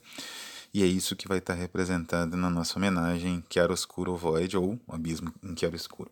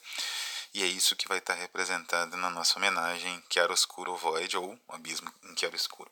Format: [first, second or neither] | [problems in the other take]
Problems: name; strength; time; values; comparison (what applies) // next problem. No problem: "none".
first | thin; very; fading below 800 Hz